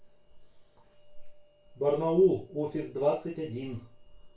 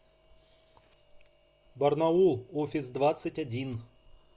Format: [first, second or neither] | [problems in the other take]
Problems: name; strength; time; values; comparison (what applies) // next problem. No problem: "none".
second | room echo; dies away in 0.3 s